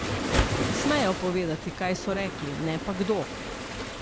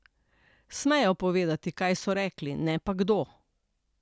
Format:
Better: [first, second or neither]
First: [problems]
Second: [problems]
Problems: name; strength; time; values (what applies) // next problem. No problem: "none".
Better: second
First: background sound (Waves, surf); 1 dB below the speech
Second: none